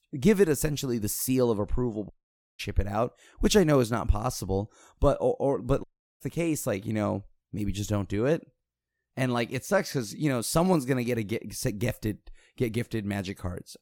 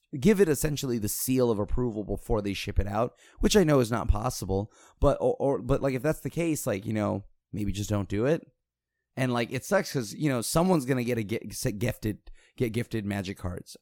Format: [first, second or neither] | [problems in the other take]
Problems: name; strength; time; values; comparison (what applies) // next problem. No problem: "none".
second | audio cutting out; at 2 s and at 6 s